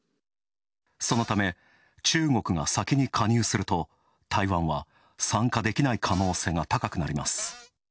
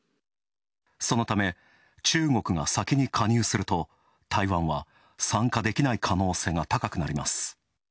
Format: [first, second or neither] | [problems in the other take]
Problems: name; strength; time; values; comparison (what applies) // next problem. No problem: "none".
second | noise reduction (neural separator model SepFormer DNS4)